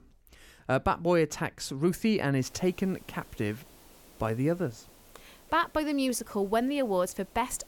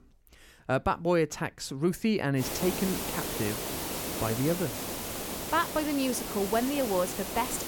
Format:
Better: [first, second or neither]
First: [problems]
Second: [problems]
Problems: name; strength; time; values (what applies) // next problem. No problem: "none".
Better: first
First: hiss; faint; from 2.5 s on; 25 dB below the speech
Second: hiss; loud; from 2.5 s on; 4 dB below the speech